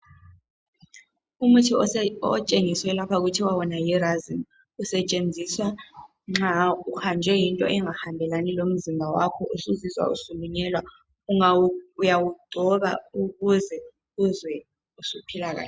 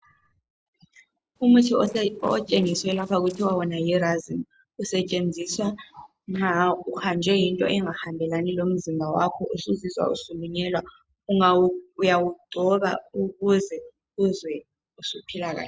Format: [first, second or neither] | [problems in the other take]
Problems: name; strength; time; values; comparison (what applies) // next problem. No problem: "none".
first | noise reduction (neural separator model SepFormer DNS4)